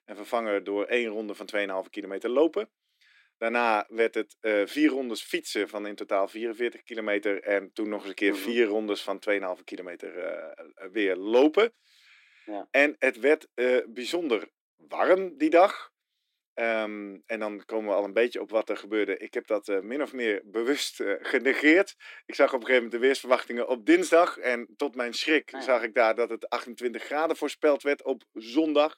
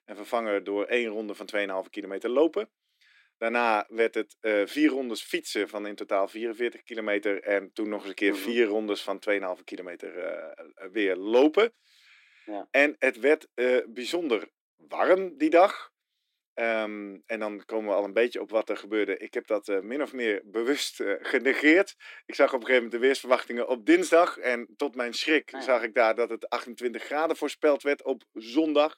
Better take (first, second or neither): neither